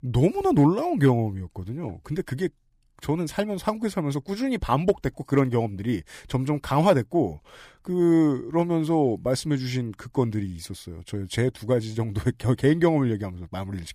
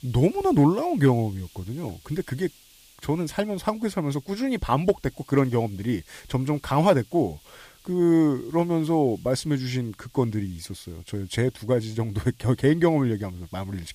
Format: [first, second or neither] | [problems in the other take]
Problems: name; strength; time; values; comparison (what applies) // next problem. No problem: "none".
first | hiss; faint; throughout; 30 dB below the speech